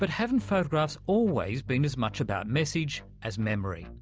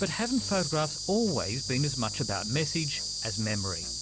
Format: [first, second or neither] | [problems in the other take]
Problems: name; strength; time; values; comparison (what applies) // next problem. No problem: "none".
first | background sound (Insect); 5 dB below the speech